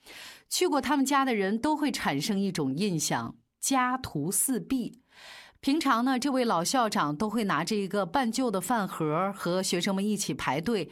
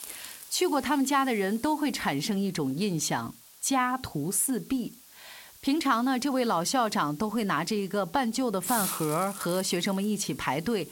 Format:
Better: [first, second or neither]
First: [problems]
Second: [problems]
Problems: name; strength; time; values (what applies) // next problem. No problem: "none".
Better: first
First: none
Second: hiss; noticeable; throughout; 15 dB below the speech